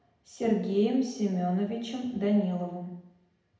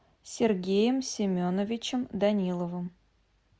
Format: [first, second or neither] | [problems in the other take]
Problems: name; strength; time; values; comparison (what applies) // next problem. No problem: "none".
second | room echo; dies away in 0.8 s